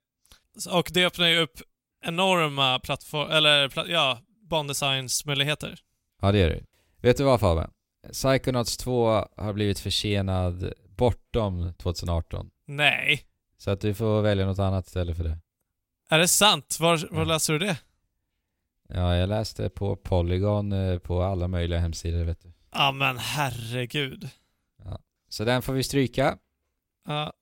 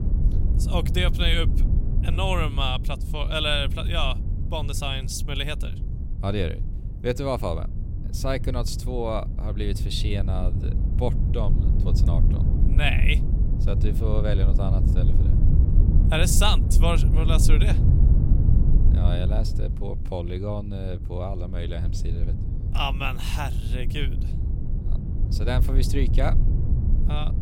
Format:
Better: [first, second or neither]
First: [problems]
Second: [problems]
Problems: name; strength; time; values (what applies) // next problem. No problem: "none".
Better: first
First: none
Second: low rumble; loud; throughout; 10 dB below the speech